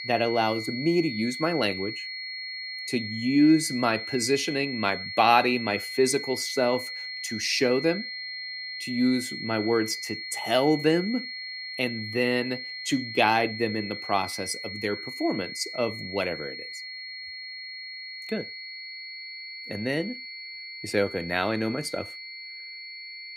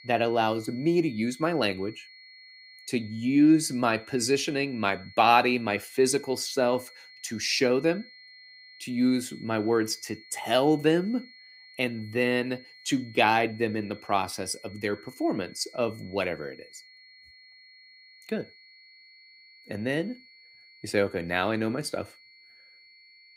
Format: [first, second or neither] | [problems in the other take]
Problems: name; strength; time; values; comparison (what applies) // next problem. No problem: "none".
second | high-pitched whine; loud; throughout; 2 kHz, 8 dB below the speech; faint in the second